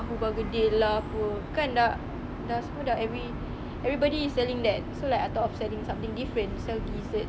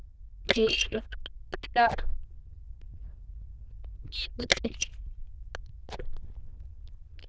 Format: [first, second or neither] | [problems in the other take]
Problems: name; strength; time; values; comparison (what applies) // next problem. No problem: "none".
first | noise reduction (neural diffusion model UNIVERSE++)